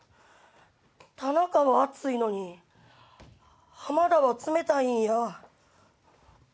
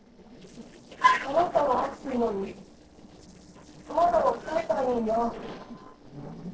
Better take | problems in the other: first | noise reduction (neural separator model SepFormer DNS4)

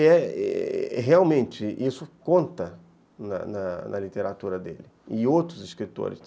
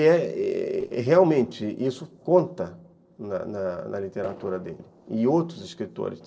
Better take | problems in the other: first | noise reduction (neural separator model SepFormer DNS4)

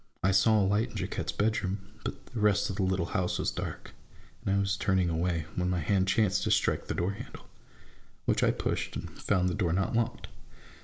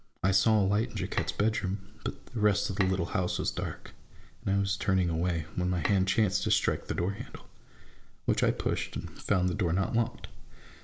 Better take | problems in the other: first | background sound (Bowed string instrument); 14 dB below the speech

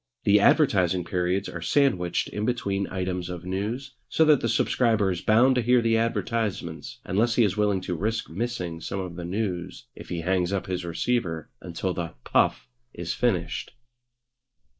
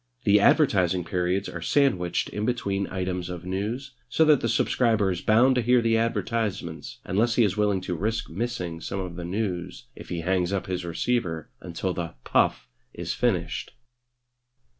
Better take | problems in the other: second | noise reduction (neural mask model Resemble Enhance denoiser)

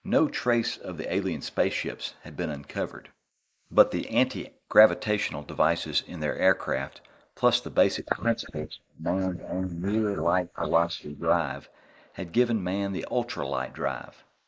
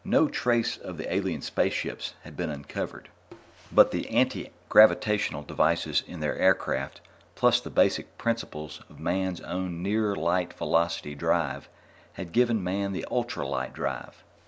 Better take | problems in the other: second | noise reduction (neural mask model Resemble Enhance denoiser)

